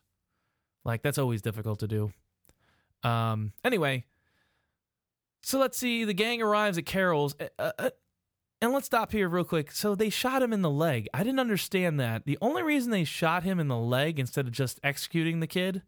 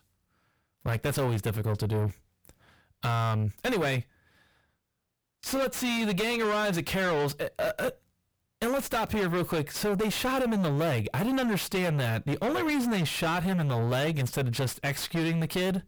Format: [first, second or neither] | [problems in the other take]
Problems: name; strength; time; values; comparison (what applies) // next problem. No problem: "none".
first | distortion; heavy; 4 dB below the speech